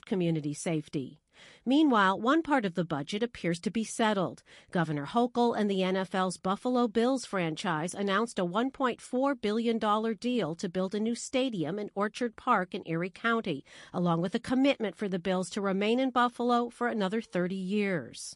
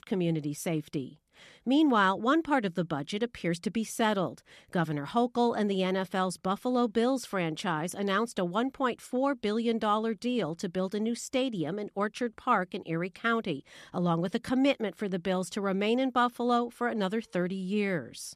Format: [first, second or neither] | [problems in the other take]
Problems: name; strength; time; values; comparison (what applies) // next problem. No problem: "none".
second | garbled, watery; slightly; nothing above 10 kHz